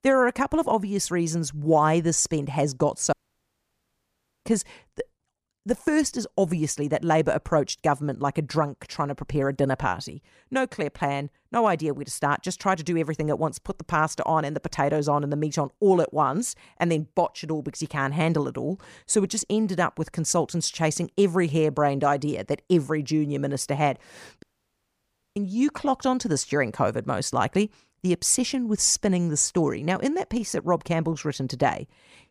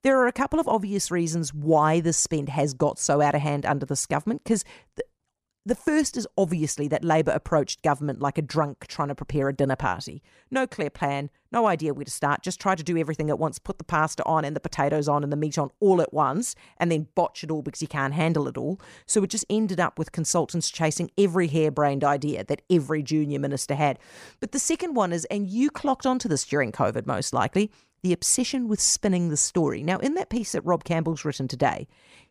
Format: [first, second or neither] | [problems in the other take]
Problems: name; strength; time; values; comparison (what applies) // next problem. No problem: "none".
second | audio cutting out; at 3 s for 1.5 s and at 24 s for 1 s